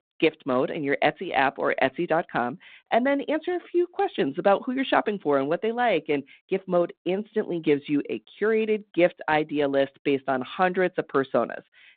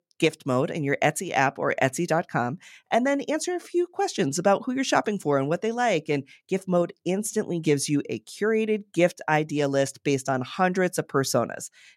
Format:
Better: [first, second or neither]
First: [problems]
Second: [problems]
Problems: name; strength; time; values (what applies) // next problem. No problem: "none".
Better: second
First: phone-call audio; nothing above 4 kHz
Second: none